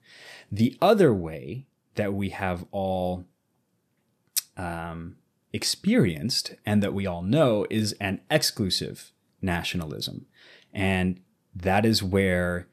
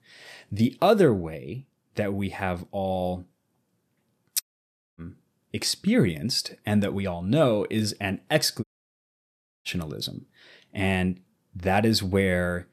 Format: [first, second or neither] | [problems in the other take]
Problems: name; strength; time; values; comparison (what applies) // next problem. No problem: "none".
first | audio cutting out; at 4.5 s for 0.5 s and at 8.5 s for 1 s